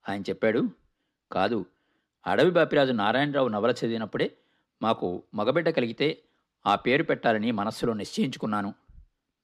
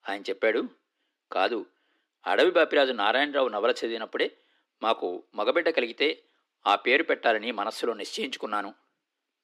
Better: first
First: none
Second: thin; somewhat; fading below 300 Hz

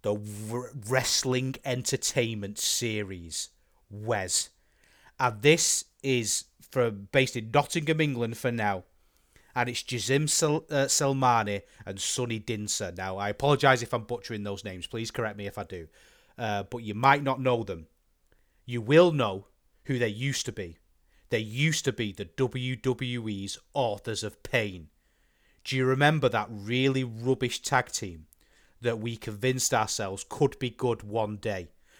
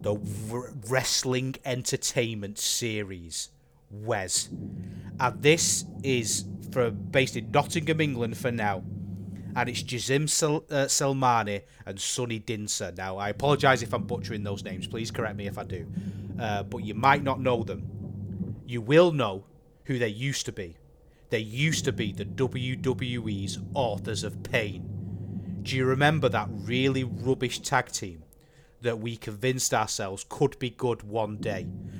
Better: first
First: none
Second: low rumble; noticeable; throughout; 20 dB below the speech

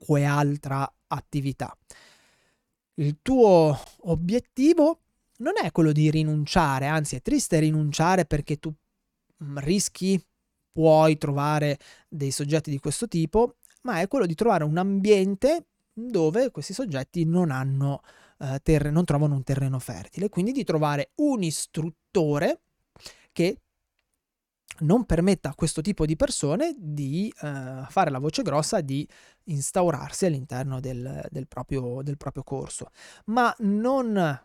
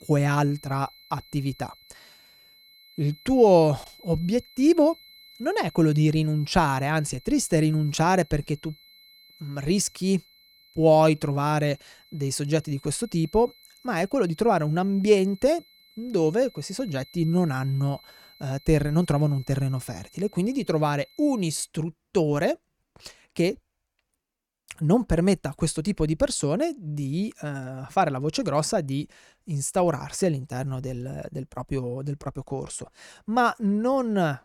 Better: first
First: none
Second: high-pitched whine; faint; until 22 s; 4 kHz, 25 dB below the speech

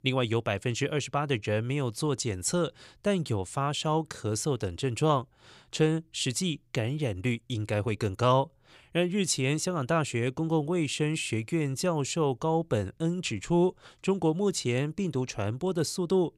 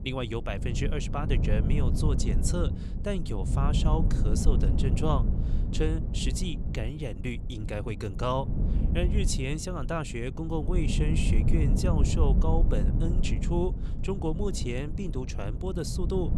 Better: first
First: none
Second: wind noise on the microphone; heavy; 7 dB below the speech

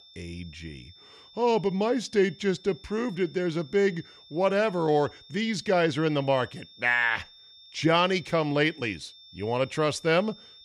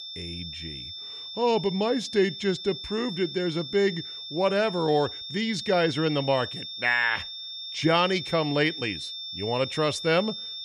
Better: first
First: high-pitched whine; faint; throughout; 3.5 kHz, 25 dB below the speech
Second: high-pitched whine; loud; throughout; 3.5 kHz, 9 dB below the speech

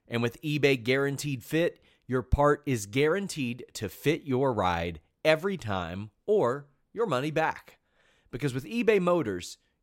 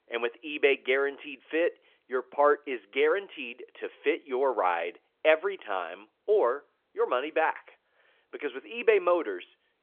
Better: first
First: none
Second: phone-call audio; nothing above 3.5 kHz

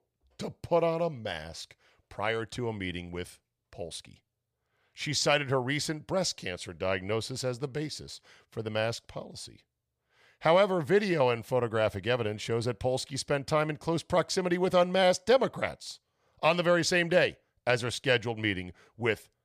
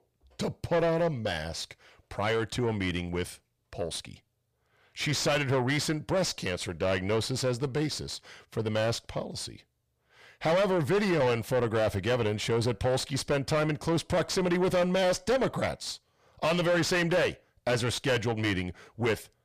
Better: first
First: none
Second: distortion; heavy; 6 dB below the speech

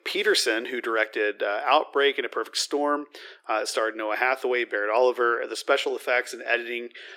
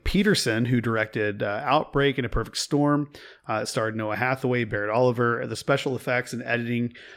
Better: second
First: thin; very; fading below 350 Hz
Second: none

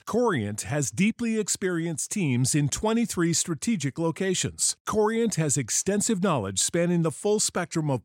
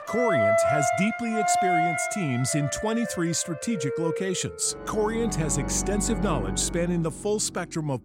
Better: first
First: none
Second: background music; loud; throughout; 1 dB below the speech

